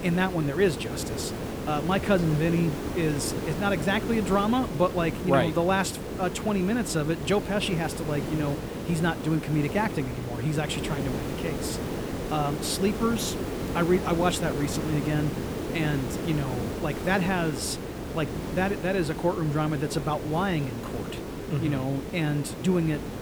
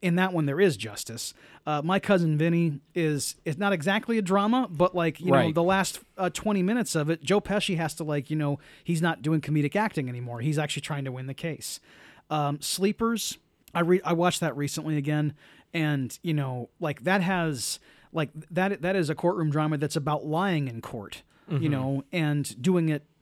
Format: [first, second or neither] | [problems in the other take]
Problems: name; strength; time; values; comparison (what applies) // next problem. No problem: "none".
second | hiss; loud; throughout; 5 dB below the speech